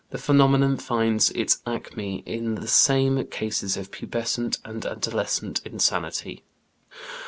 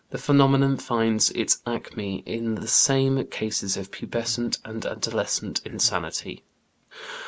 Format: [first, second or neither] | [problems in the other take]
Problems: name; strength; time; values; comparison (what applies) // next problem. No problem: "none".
first | background sound (Cough); 19 dB below the speech